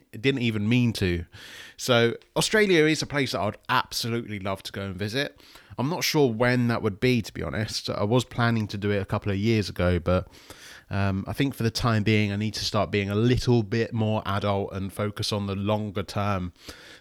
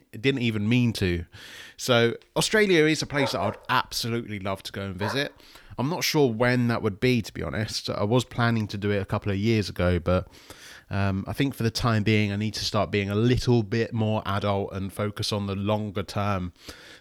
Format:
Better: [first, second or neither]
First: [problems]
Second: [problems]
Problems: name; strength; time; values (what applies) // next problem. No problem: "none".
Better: first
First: none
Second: dog barking; noticeable; from 3 to 5 s; peak 6 dB below the speech